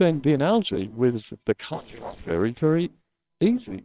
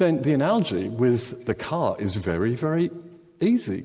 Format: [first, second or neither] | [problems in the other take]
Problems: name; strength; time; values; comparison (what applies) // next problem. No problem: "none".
second | noise reduction (neural separator model SepFormer WHAMR!)